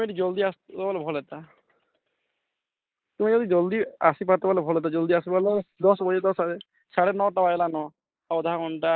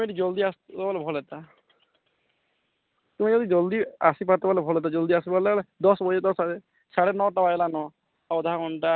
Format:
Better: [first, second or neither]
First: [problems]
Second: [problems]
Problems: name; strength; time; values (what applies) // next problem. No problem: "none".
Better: second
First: noise reduction (neural mask model Resemble Enhance denoiser)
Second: none